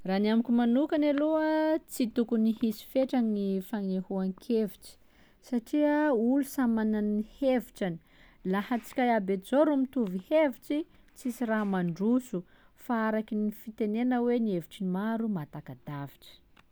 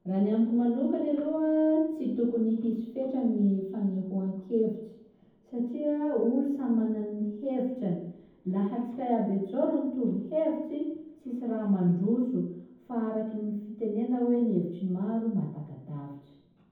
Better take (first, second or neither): first